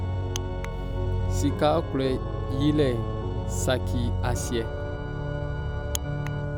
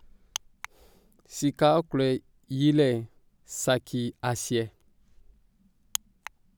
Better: second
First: background sound (Organ); 2 dB above the speech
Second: none

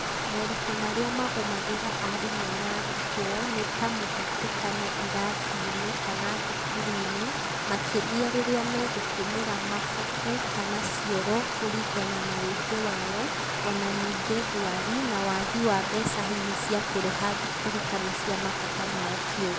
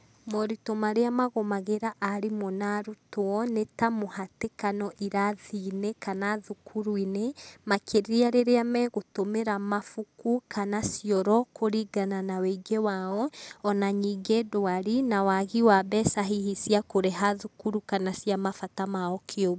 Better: second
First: background sound (Stream); 2 dB above the speech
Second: none

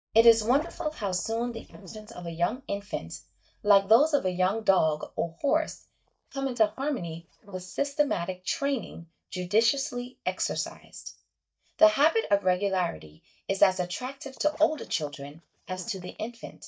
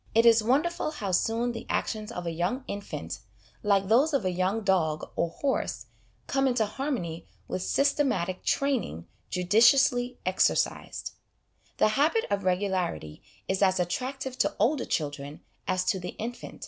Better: second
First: noise reduction (neural mask model DeepFilterNet 3)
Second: none

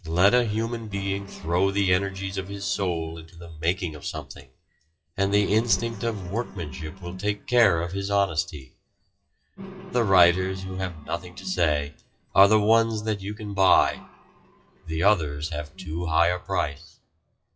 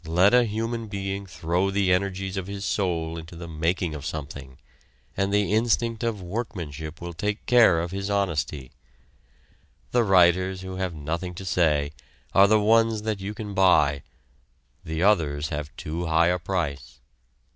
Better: second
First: noise reduction (classical method WPE with log-MMSE)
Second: none

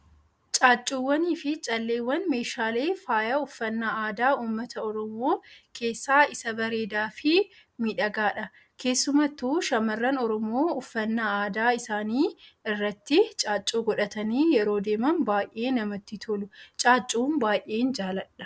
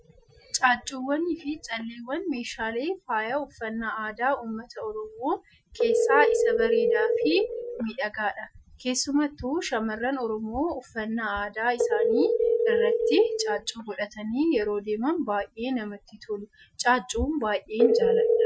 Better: first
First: none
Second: noise reduction (classical method Wiener filter)

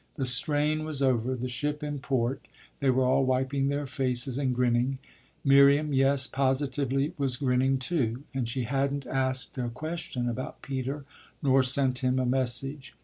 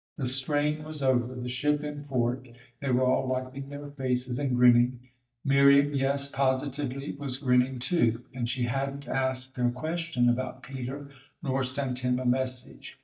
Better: first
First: none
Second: noise reduction (neural mask model DeepFilterNet 3)

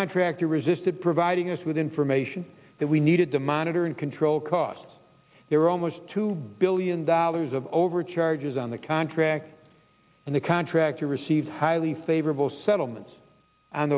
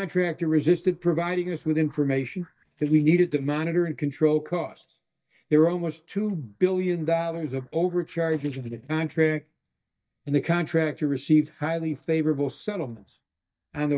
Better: first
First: none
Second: noise reduction (neural mask model DeepFilterNet 3)

